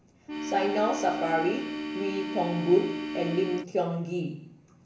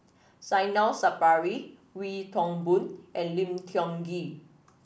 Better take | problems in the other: second | background sound (Organ); 5 dB below the speech // room echo; dies away in 0.7 s

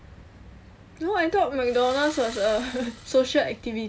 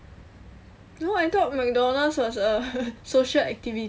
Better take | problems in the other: second | background sound (Engine starting); 18 dB below the speech

